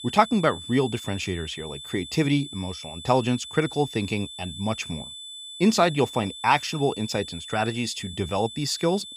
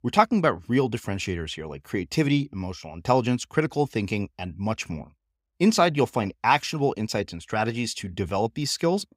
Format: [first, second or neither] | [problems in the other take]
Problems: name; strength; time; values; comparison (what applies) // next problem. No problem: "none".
second | high-pitched whine; noticeable; throughout; 3.5 kHz, 10 dB below the speech